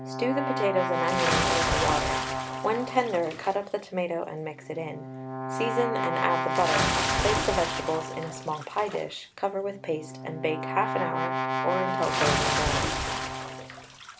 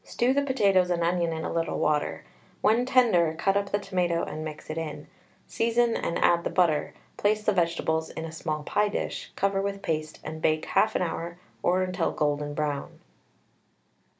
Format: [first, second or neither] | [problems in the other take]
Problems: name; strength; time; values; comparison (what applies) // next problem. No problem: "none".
second | background sound (Brass instrument + Bathtub (filling or washing) / Splash, splatter); 1 dB above the speech